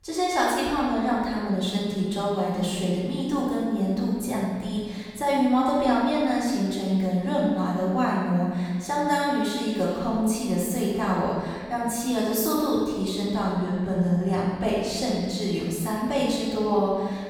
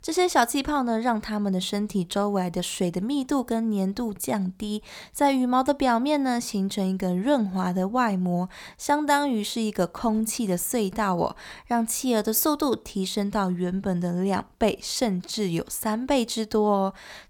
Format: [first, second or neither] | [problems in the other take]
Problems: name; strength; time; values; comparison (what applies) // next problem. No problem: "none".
second | off-mic speech; far // room echo; strong; dies away in 2 s